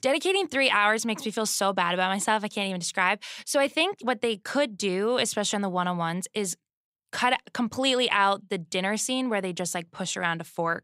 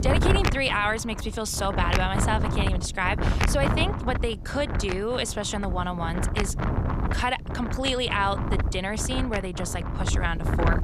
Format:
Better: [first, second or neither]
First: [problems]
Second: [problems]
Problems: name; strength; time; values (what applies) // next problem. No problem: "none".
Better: first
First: none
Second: wind noise on the microphone; heavy; 6 dB below the speech